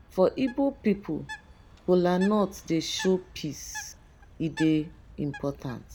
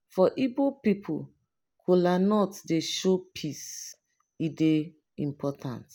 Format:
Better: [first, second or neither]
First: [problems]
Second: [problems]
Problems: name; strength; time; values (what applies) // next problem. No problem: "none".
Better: second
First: background sound (Bird); 17 dB below the speech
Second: none